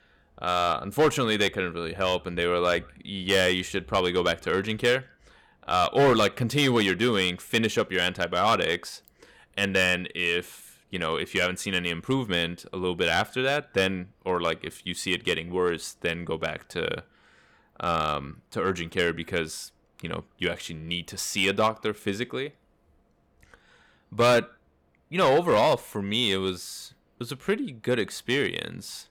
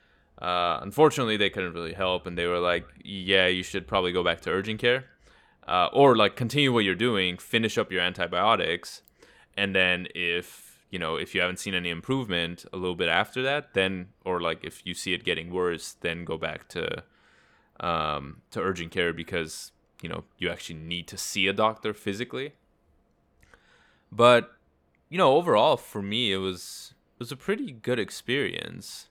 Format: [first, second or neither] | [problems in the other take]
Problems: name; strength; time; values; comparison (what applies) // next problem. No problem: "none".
second | distortion; slight; 2% of the sound clipped